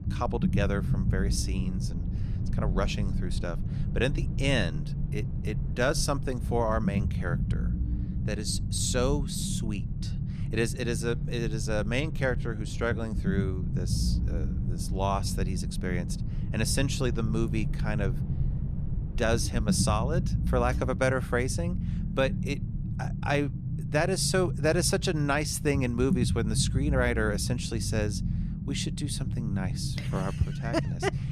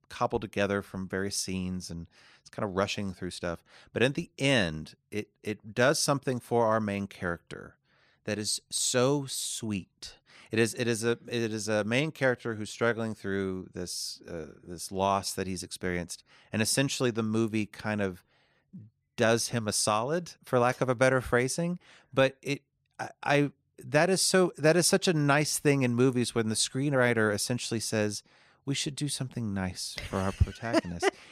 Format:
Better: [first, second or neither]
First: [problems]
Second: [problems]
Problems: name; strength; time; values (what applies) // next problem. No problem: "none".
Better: second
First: low rumble; noticeable; throughout; 10 dB below the speech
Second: none